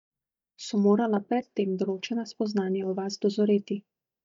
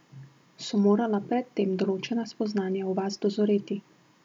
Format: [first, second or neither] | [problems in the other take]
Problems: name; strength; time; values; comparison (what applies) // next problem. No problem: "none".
second | noise reduction (neural mask model DeepFilterNet 3)